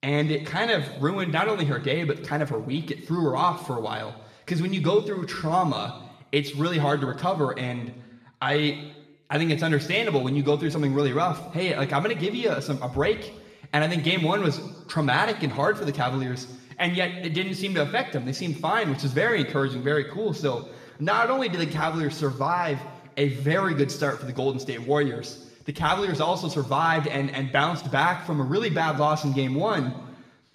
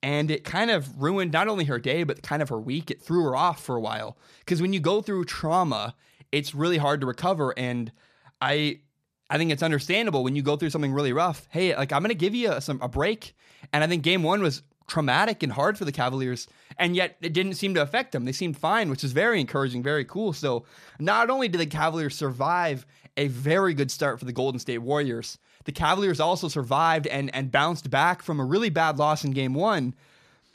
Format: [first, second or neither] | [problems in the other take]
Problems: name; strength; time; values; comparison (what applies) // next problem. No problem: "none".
second | room echo; slight; dies away in 0.9 s // off-mic speech; somewhat distant